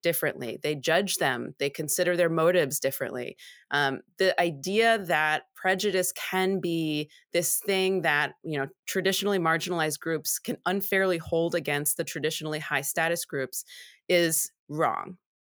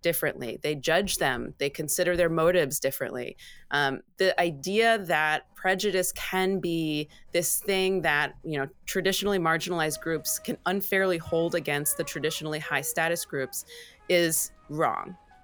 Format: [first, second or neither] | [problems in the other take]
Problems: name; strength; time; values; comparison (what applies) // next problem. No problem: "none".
first | household noises; faint; throughout; 25 dB below the speech